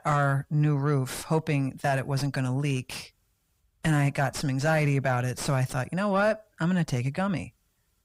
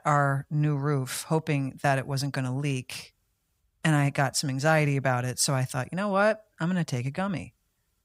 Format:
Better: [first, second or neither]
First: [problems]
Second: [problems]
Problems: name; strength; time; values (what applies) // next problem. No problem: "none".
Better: second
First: distortion; slight; 10 dB below the speech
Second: none